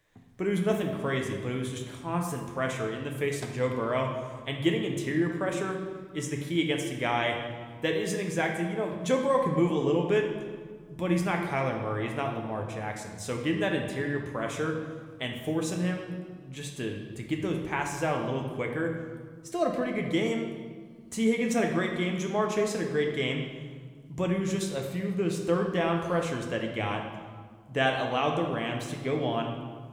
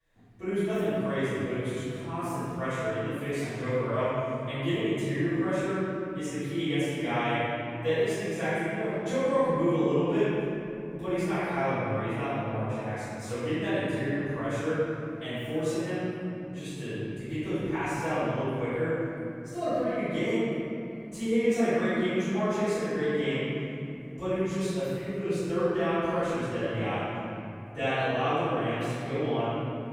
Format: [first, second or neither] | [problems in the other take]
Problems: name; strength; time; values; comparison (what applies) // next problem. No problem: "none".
first | room echo; strong; dies away in 3 s; slight in the first // off-mic speech; far